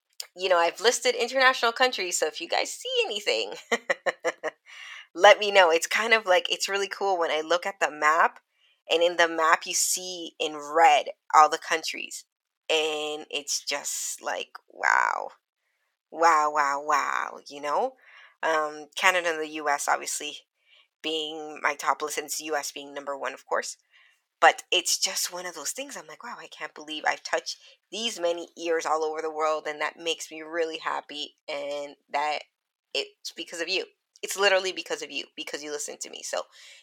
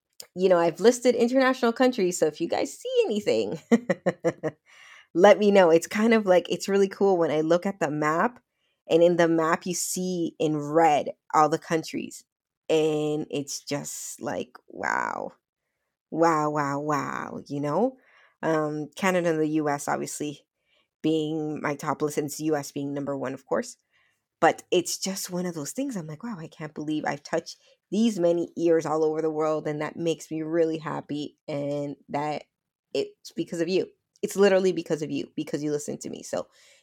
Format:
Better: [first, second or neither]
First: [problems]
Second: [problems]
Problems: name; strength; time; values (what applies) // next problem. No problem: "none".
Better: second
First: thin; very; fading below 850 Hz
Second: none